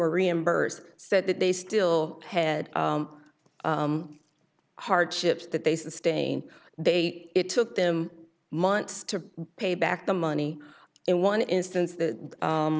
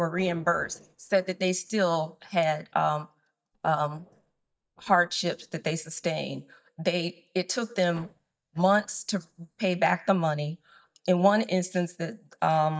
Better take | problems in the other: first | noise reduction (neural mask model DeepFilterNet 3)

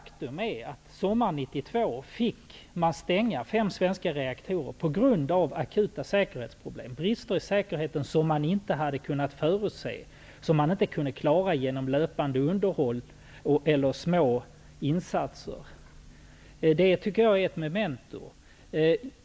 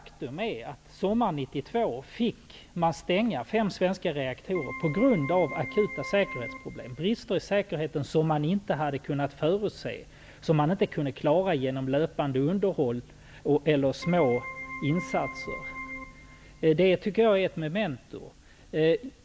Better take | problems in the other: first | background sound (Keyboard (musical)); 12 dB below the speech

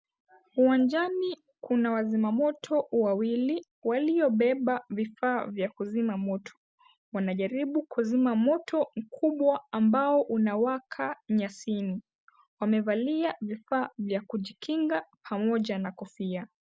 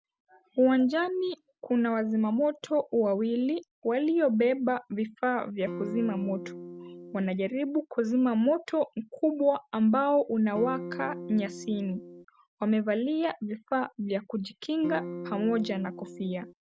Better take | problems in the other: first | background sound (Electric guitar / Strum); 11 dB below the speech

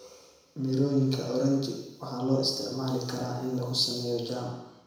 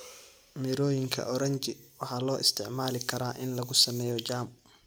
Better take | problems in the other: second | room echo; dies away in 1 s

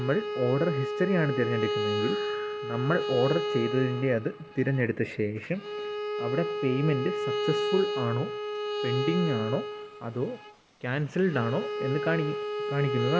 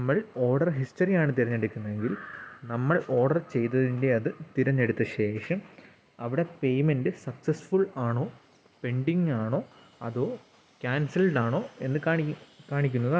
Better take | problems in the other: second | background sound (Bowed string instrument); 3 dB below the speech

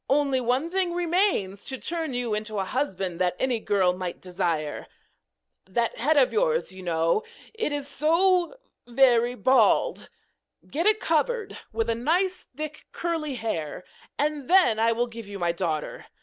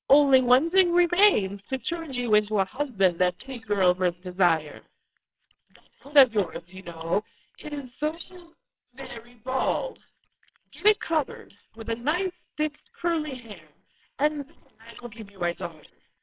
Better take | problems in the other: first | noise reduction (neural separator model SepFormer WHAMR!)

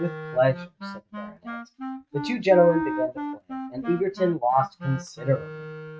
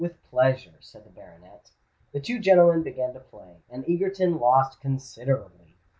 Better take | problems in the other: second | noise reduction (neural mask model RNNoise)

